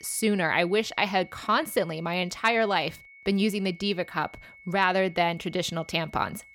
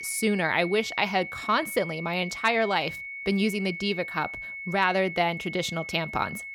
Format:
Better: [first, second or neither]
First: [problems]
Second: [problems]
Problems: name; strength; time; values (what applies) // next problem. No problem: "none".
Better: first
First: high-pitched whine; faint; throughout; 2 kHz, 20 dB below the speech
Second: high-pitched whine; loud; throughout; 2 kHz, 9 dB below the speech